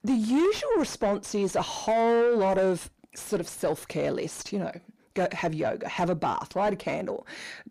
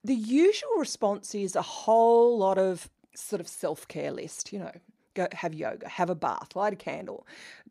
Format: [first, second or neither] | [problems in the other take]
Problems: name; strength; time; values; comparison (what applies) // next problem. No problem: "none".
second | distortion; heavy; 6 dB below the speech